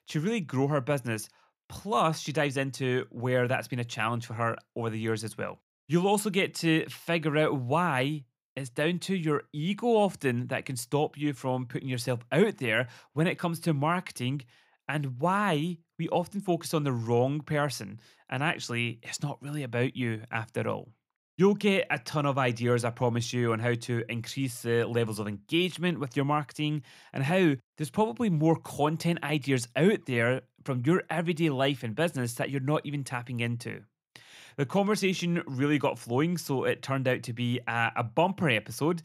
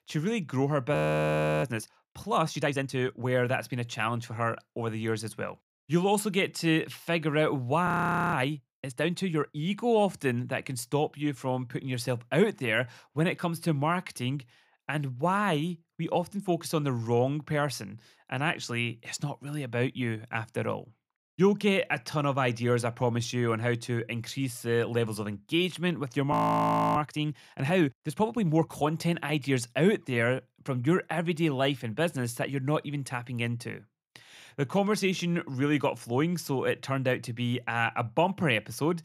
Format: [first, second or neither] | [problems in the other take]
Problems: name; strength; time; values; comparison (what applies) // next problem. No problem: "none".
first | audio freezing; at 1 s for 0.5 s, at 8 s and at 26 s for 0.5 s